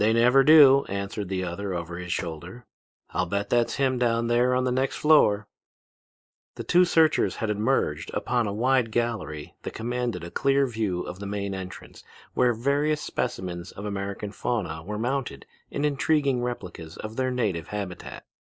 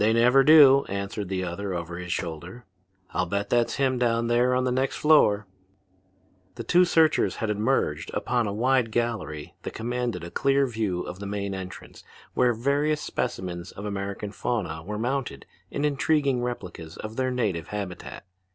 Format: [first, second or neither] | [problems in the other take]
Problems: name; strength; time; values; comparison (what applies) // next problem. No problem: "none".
second | noise reduction (neural mask model Resemble Enhance denoiser)